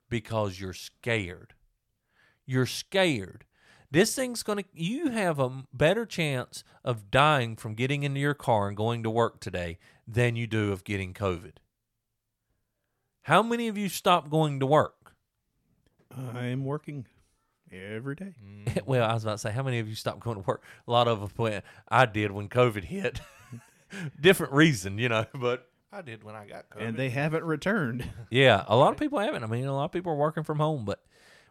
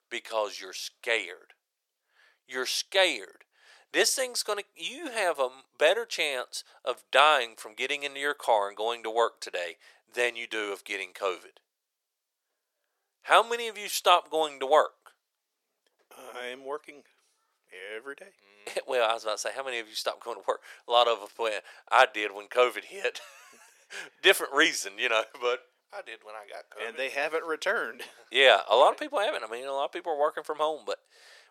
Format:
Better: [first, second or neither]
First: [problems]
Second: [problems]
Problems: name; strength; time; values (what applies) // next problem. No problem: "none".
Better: first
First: none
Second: thin; very; fading below 450 Hz